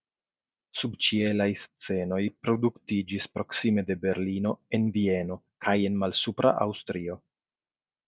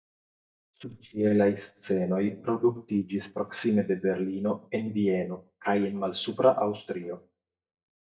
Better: first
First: none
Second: noise reduction (neural mask model DeepFilterNet 3)

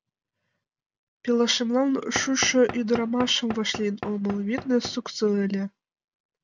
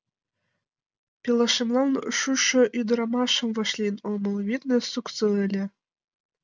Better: second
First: background sound (Knock / Wood); 12 dB below the speech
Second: none

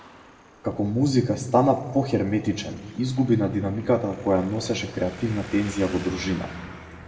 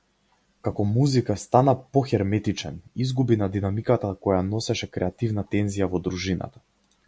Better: second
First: background sound (Traffic noise, roadway noise); 19 dB below the speech // room echo; dies away in 1.6 s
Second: none

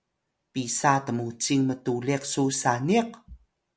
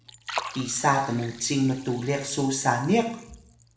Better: first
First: none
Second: background sound (Liquid); 14 dB below the speech // room echo; dies away in 0.6 s

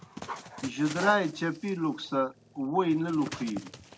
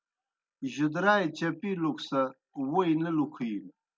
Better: second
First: background sound (Dog); 13 dB below the speech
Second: none

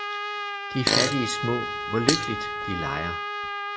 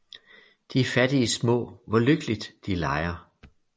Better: second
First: background sound (Fart + Trumpet); 2 dB above the speech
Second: none

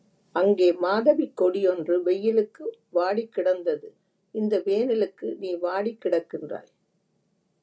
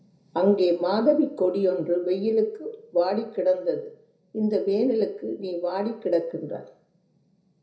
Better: first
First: none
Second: room echo; dies away in 0.5 s

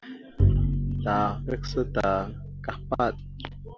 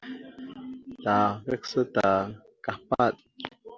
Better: second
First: background sound (Bowed string instrument); 2 dB above the speech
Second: none

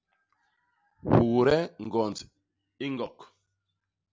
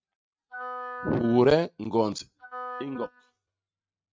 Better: first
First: none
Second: noise reduction (neural mask model RNNoise)

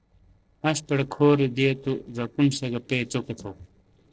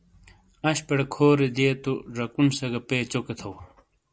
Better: second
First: noise reduction (neural separator model SepFormer DNS4)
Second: none

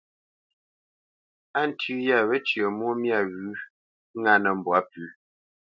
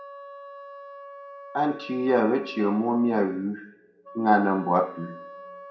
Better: first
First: none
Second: background sound (Wind instrument, woodwind instrument); 17 dB below the speech // room echo; dies away in 0.5 s

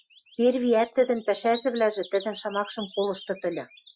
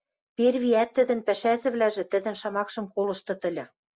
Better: second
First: noise reduction (classical method Wiener filter)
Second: none

